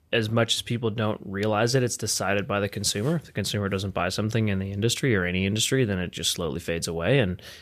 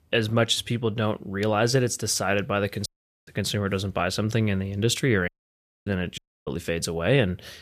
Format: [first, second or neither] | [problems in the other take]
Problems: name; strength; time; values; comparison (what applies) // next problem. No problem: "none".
first | audio cutting out; at 3 s, at 5.5 s for 0.5 s and at 6 s